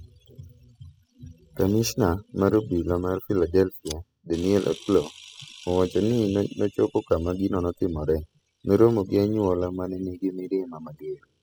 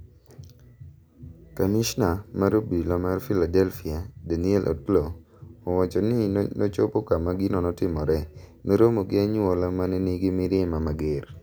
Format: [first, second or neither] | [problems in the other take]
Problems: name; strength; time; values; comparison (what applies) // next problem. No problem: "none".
second | noise reduction (classical method spectral subtraction)